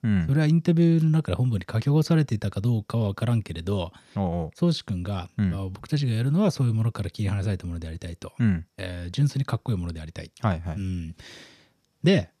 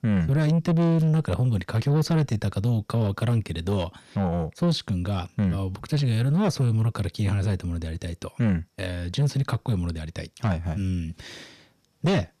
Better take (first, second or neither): first